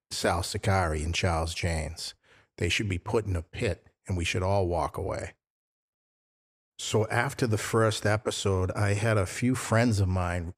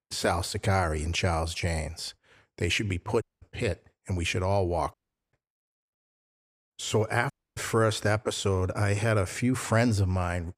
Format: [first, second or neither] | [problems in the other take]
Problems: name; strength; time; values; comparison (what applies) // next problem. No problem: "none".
first | audio cutting out; at 3 s, at 5 s and at 7.5 s